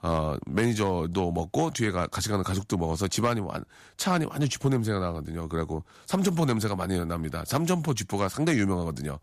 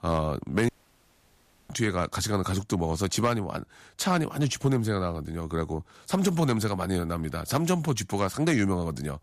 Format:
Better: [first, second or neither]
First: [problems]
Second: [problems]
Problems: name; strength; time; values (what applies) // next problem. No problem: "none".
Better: first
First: none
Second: audio cutting out; at 0.5 s for 1 s